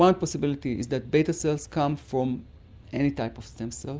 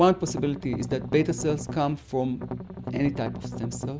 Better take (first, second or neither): first